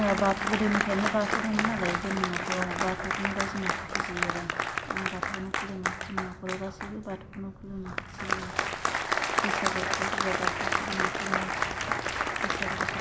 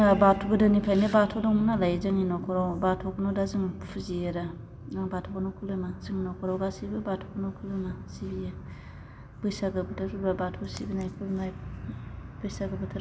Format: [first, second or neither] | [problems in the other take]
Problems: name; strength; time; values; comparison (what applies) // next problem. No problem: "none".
second | background sound (Applause); 2 dB above the speech